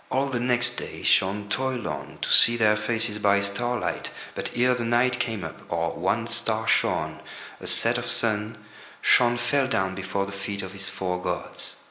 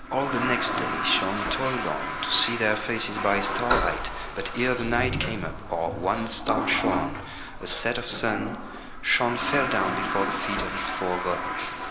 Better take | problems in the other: first | background sound (Toilet flush); 2 dB below the speech

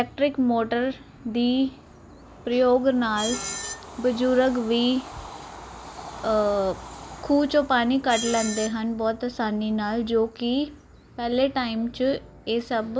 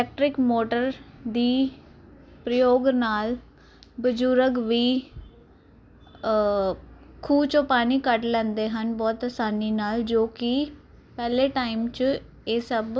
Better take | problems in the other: second | background sound (Screech + Train / Bird vocalization, bird call, bird song); 15 dB below the speech

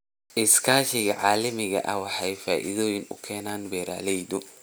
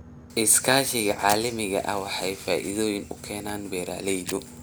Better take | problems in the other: first | background sound (Boat, Water vehicle + Fire); 15 dB below the speech

